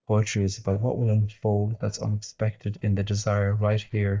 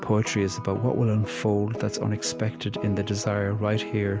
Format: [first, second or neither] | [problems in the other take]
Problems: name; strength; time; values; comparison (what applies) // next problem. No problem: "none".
second | noise reduction (neural mask model DeepFilterNet 3)